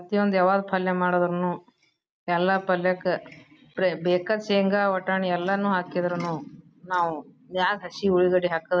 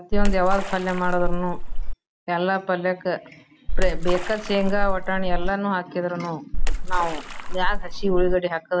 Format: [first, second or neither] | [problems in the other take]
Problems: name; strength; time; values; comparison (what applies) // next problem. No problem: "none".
first | background sound (Splash, splatter); 5 dB above the speech